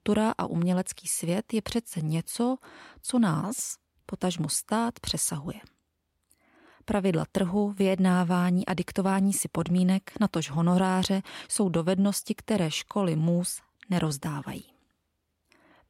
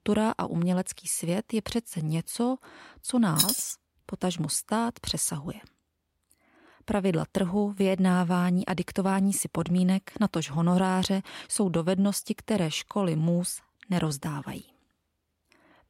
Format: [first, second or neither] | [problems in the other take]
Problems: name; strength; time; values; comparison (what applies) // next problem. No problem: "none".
first | jangling keys; loud; at 3.5 s; peak 3 dB above the speech